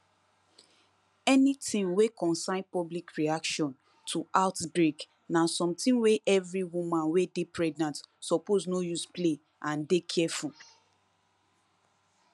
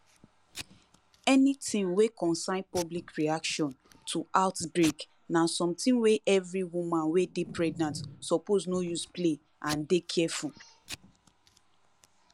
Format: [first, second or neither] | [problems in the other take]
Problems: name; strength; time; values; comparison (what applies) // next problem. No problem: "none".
first | background sound (Packing tape, duct tape / Tearing); 19 dB below the speech